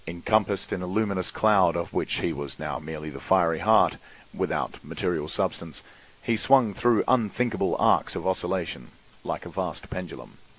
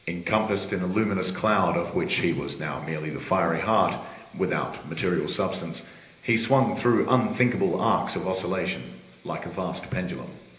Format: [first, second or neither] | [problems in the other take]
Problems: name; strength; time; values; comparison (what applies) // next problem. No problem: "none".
first | room echo; dies away in 1 s